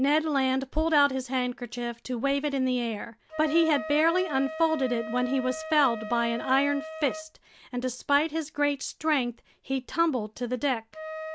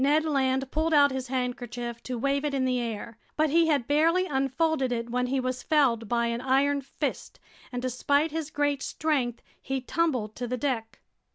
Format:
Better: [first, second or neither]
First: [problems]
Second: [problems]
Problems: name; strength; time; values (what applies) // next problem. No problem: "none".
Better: second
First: background sound (Wind instrument, woodwind instrument); 13 dB below the speech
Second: none